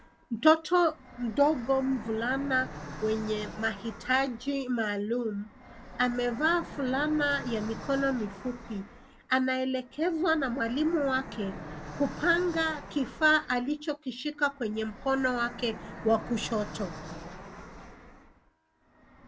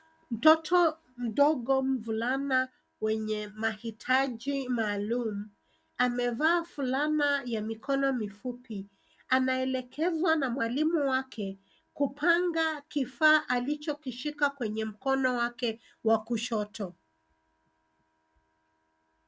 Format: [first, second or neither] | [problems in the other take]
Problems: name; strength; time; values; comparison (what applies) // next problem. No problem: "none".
second | background sound (Fixed-wing aircraft, airplane); 13 dB below the speech